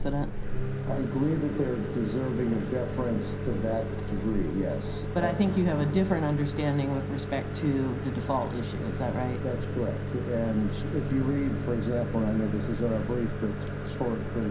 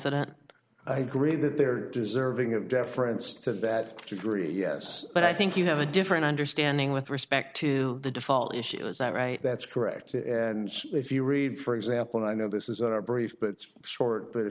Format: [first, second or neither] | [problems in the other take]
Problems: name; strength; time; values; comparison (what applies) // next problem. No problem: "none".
second | background sound (Microwave oven); 2 dB below the speech // room echo; dies away in 0.3 s